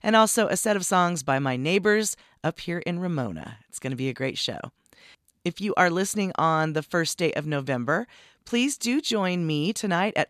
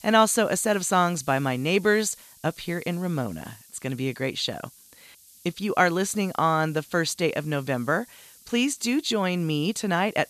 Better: first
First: none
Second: hiss; faint; throughout; 25 dB below the speech

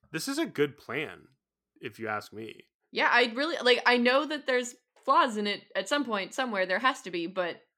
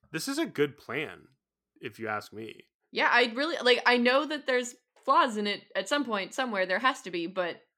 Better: neither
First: none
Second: none

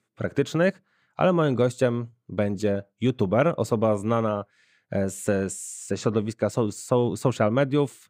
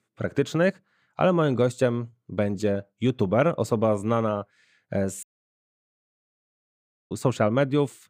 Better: first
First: none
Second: audio cutting out; at 5 s for 2 s

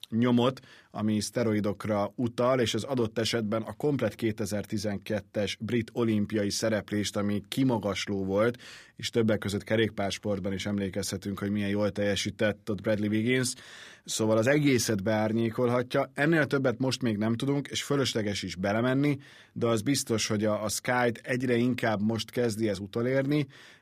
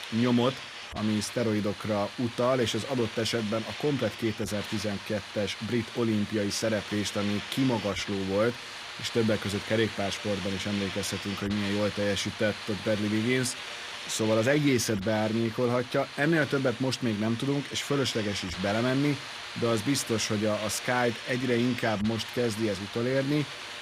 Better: first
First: none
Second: hiss; loud; throughout; 9 dB below the speech

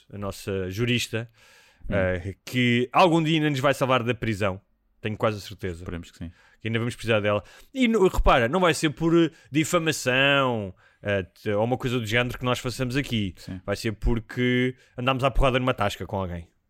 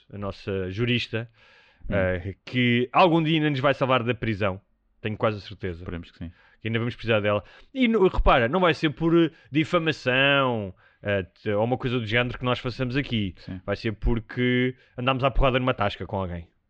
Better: first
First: none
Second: muffled; slightly; fading above 4 kHz

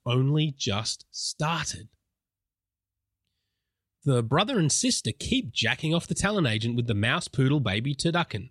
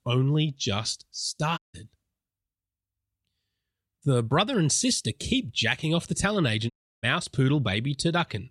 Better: first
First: none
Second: audio cutting out; at 1.5 s and at 6.5 s

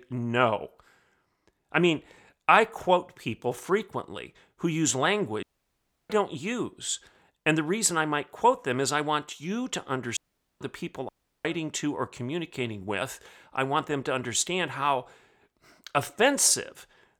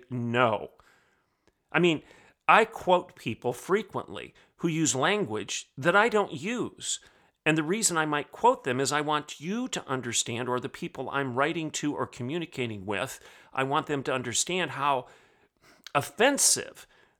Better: second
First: audio cutting out; at 5.5 s for 0.5 s, at 10 s and at 11 s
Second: none

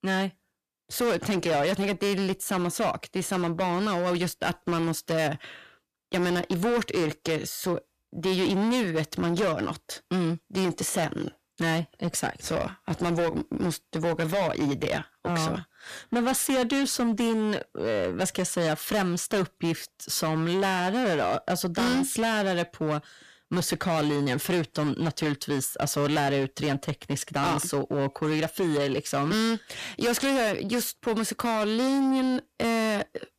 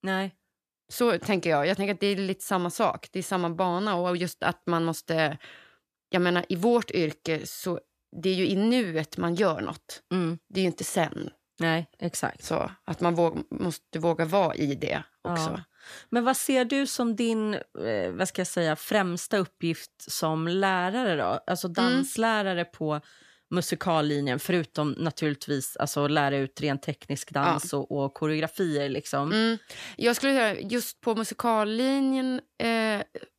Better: second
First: distortion; heavy; 16% of the sound clipped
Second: none

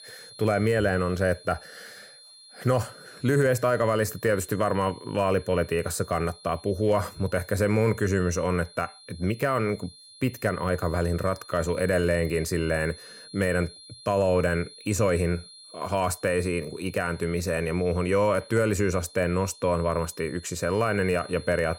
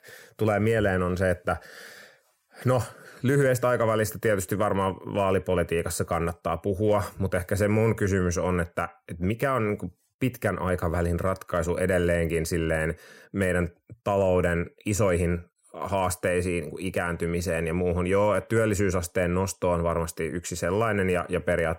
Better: second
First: high-pitched whine; faint; throughout; 4 kHz, 20 dB below the speech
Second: none

